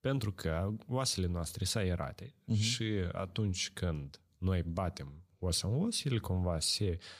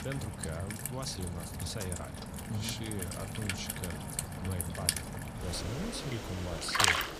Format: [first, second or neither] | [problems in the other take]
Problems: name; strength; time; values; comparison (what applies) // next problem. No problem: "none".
first | rain or running water; very loud; throughout; 4 dB above the speech